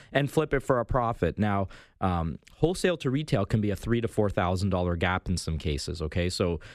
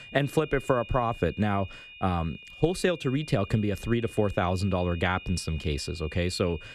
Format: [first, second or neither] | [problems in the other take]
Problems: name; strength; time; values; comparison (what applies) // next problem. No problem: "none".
first | high-pitched whine; noticeable; throughout; 2.5 kHz, 15 dB below the speech